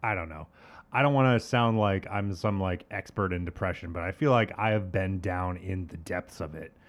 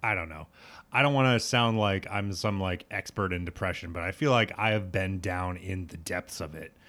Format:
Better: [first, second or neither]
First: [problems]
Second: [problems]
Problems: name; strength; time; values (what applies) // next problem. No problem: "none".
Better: second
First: muffled; slightly; fading above 2.5 kHz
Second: none